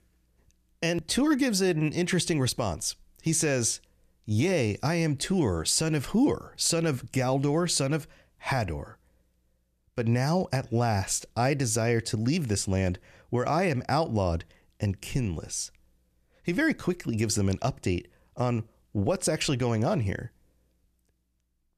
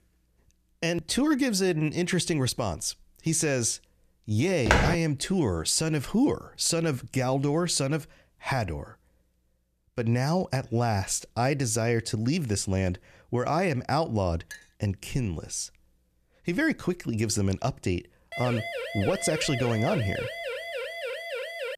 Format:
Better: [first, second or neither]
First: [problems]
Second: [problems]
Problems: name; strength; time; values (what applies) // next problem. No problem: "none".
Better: first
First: none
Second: footsteps; loud; at 4.5 s; peak 4 dB above the speech // clattering dishes; faint; at 15 s; peak 20 dB below the speech // siren; noticeable; from 18 s on; peak 5 dB below the speech